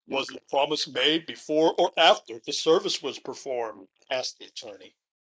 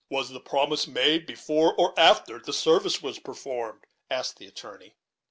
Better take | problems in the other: second | noise reduction (neural mask model Resemble Enhance denoiser)

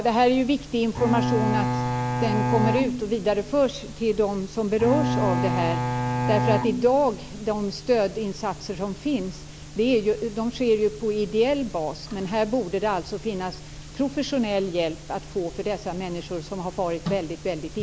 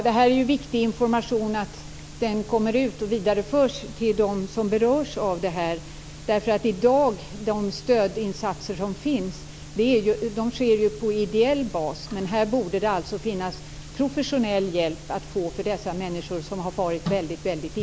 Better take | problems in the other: second | background sound (Bowed string instrument); 1 dB below the speech

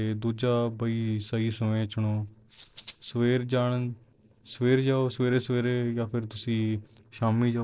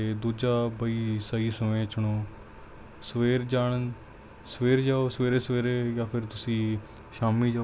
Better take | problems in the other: second | noise reduction (neural separator model SepFormer DNS4)

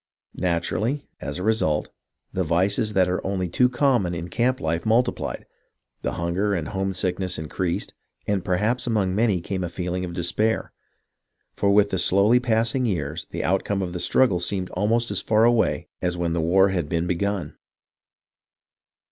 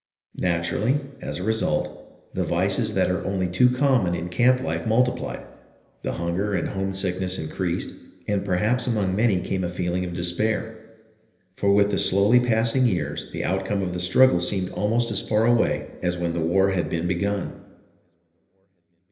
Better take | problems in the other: first | room echo; dies away in 1.4 s

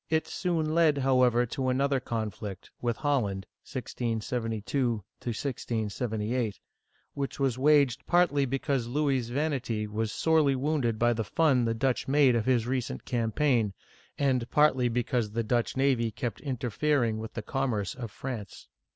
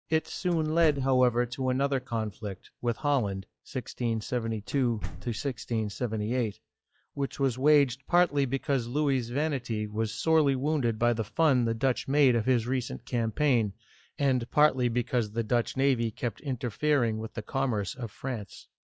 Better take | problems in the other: first | noise reduction (classical method log-MMSE)

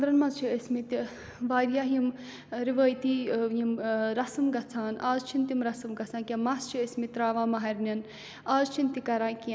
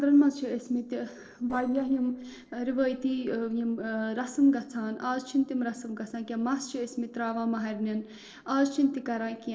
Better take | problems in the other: first | noise reduction (neural separator model SepFormer DNS4)

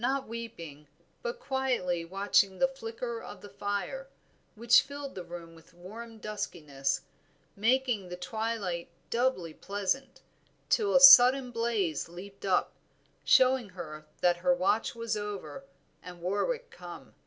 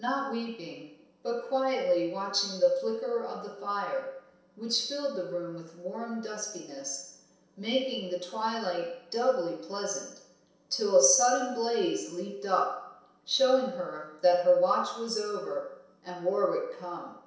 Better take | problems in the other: first | room echo; dies away in 0.7 s

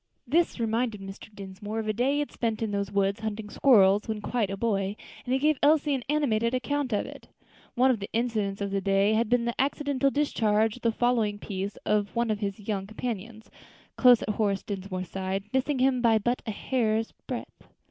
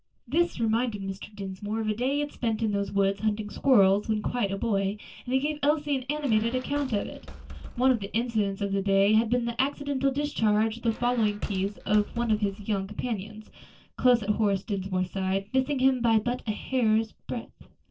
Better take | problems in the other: first | noise reduction (neural separator model SepFormer DNS4)

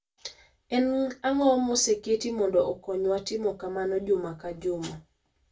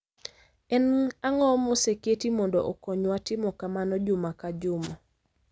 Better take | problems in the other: second | room echo; dies away in 0.2 s

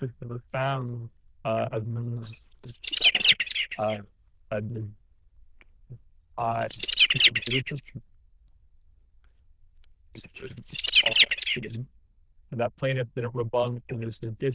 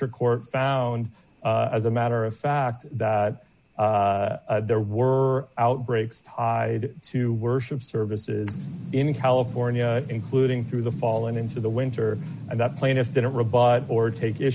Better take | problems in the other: second | noise reduction (neural diffusion model UNIVERSE++)

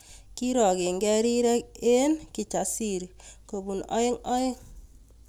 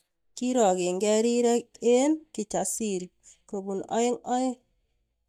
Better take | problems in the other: first | noise reduction (neural mask model DeepFilterNet 3)

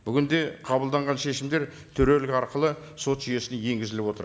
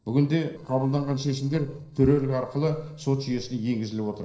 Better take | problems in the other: first | noise reduction (neural separator model SepFormer DNS4)

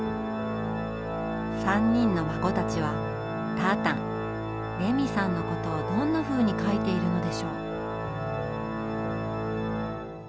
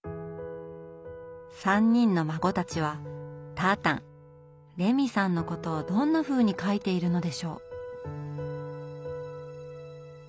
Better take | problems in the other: second | background sound (Organ); as loud as the speech

